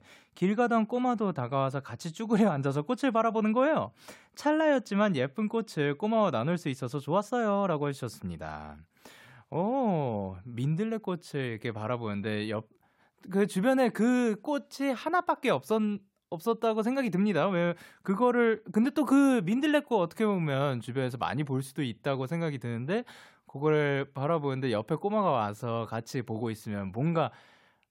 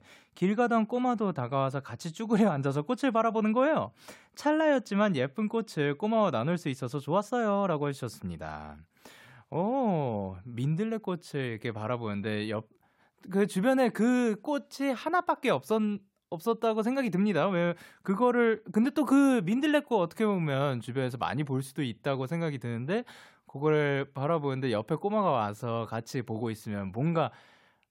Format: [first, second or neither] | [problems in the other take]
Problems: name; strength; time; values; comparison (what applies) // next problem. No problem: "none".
neither | none